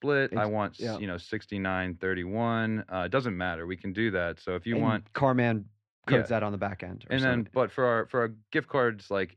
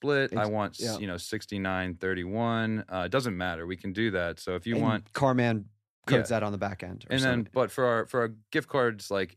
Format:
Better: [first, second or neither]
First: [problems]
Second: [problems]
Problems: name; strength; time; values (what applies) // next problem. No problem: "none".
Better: second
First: muffled; slightly; fading above 2.5 kHz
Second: none